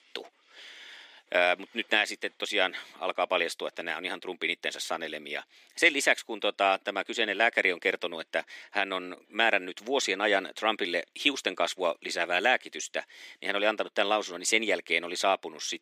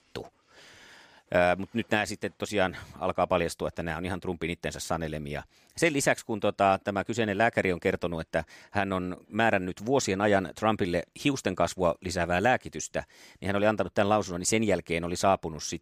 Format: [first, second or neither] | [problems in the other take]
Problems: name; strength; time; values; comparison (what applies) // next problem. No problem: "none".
second | thin; somewhat; fading below 300 Hz